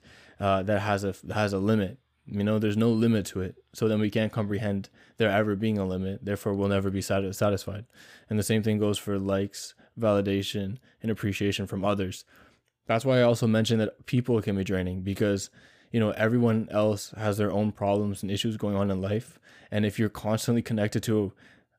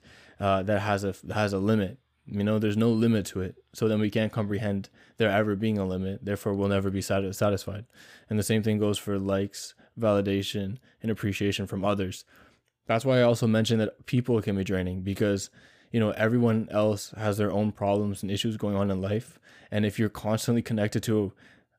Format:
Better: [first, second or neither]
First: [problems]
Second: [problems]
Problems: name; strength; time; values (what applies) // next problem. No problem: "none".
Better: neither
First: none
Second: none